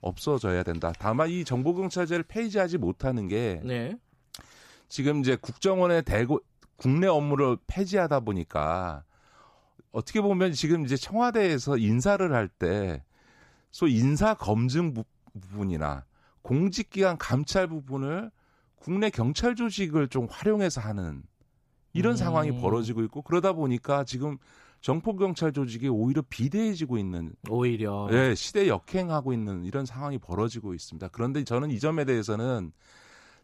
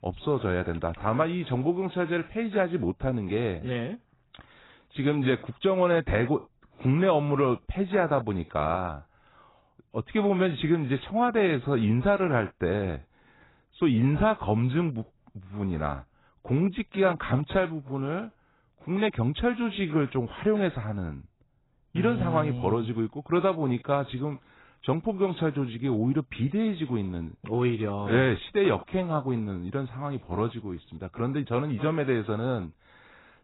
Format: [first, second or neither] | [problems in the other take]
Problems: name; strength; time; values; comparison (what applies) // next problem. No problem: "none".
first | garbled, watery; badly; nothing above 4 kHz